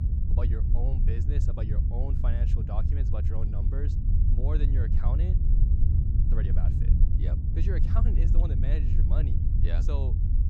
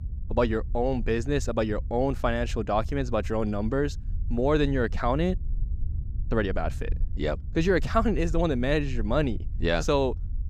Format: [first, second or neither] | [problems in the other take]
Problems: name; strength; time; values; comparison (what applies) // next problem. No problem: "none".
second | low rumble; loud; throughout; as loud as the speech; faint in the second